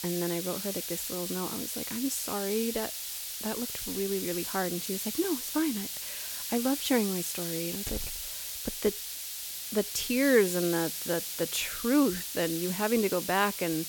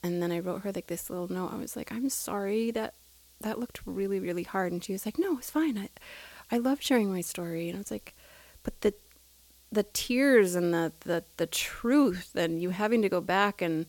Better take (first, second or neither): second